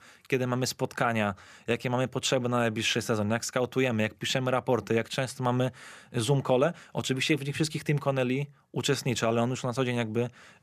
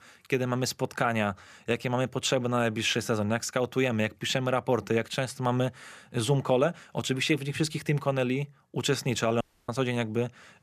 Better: first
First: none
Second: audio cutting out; at 9.5 s

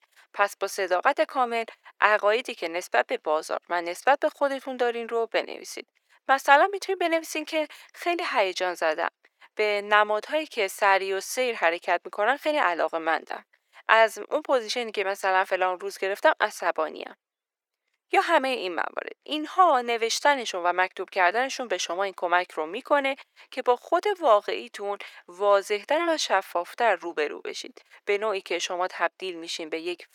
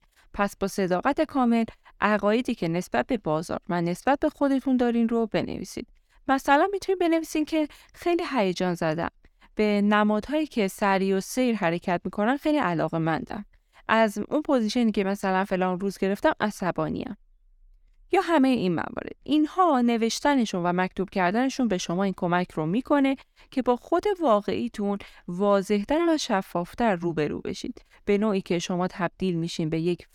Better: second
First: thin; very; fading below 450 Hz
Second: none

